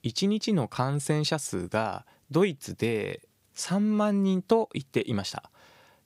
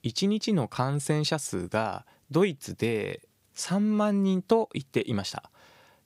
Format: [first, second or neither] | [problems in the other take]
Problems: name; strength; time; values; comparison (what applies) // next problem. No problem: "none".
neither | none